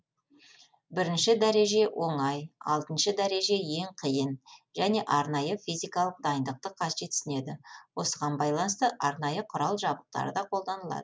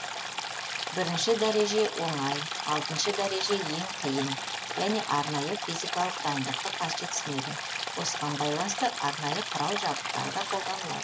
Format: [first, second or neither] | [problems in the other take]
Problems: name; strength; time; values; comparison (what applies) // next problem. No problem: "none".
first | background sound (Stream); 3 dB below the speech